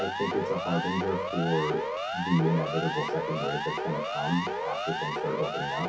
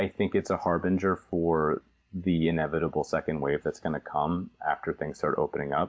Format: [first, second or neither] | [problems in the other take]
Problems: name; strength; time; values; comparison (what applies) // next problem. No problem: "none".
second | background sound (Siren); 1 dB below the speech // room echo; dies away in 0.3 s